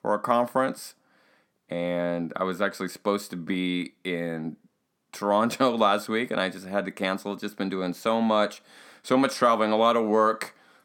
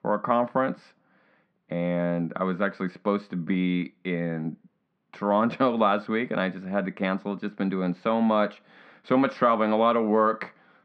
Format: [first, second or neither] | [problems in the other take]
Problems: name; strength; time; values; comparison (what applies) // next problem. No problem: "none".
first | muffled; slightly; fading above 3 kHz